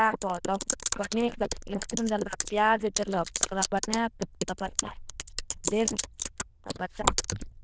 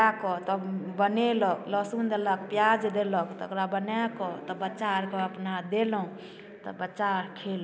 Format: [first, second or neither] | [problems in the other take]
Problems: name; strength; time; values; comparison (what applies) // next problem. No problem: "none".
second | noise reduction (neural diffusion model UNIVERSE++)